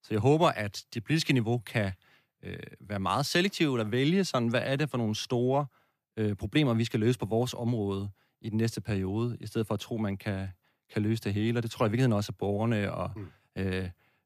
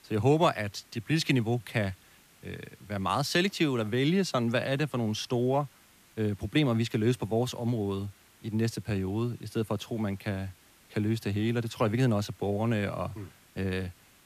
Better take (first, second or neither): first